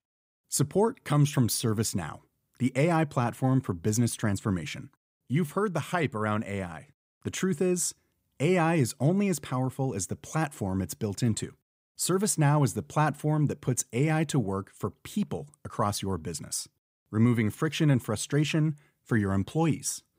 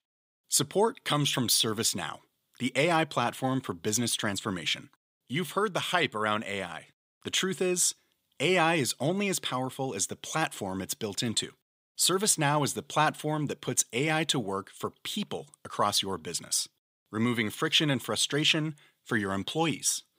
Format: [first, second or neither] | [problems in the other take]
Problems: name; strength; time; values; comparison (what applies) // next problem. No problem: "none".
first | thin; somewhat; fading below 500 Hz